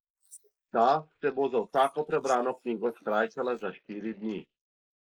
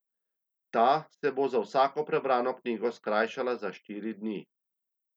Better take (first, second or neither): second